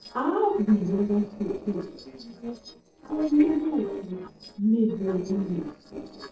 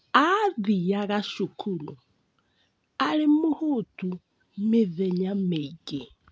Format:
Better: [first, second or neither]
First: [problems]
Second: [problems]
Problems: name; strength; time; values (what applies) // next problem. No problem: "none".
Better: second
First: noise reduction (neural separator model SepFormer DNS4)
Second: none